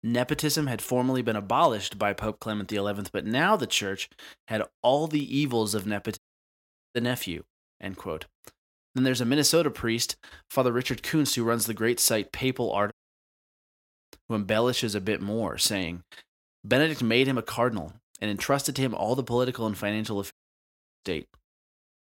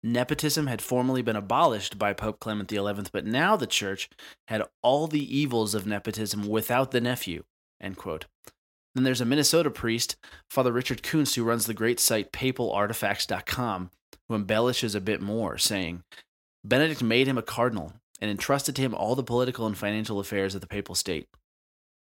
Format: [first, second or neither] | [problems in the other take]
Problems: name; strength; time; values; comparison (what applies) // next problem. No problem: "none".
second | audio cutting out; at 6 s for 1 s, at 13 s for 1 s and at 20 s for 0.5 s